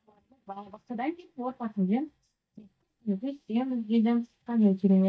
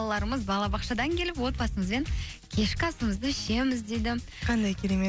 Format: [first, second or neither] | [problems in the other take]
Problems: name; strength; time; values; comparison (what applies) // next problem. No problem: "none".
second | noise reduction (neural mask model DeepFilterNet 3)